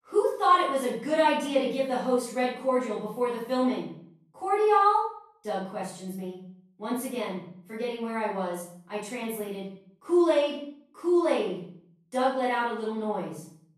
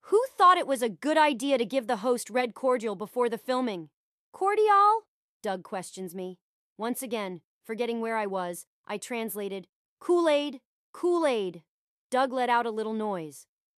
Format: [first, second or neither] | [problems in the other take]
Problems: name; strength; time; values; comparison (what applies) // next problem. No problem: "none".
second | off-mic speech; far // room echo; noticeable; dies away in 0.6 s